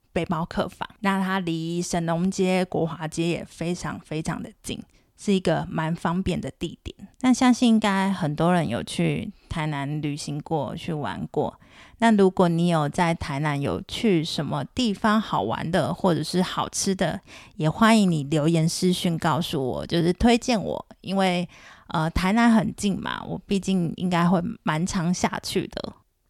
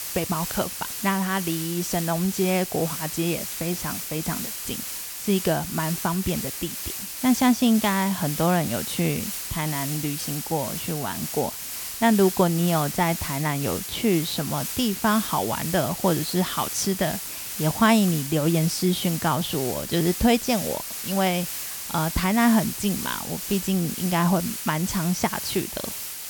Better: first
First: none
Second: hiss; loud; throughout; 5 dB below the speech

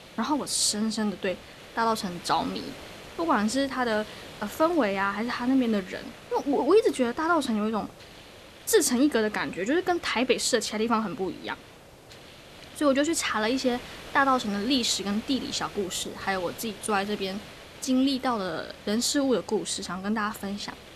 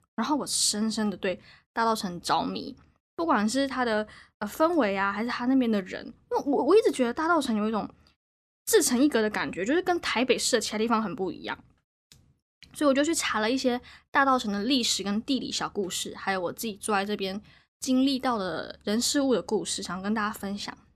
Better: second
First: hiss; noticeable; throughout; 20 dB below the speech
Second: none

